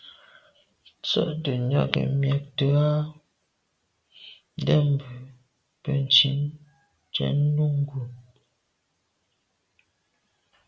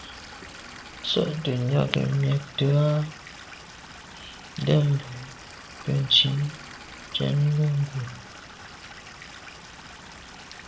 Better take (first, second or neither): first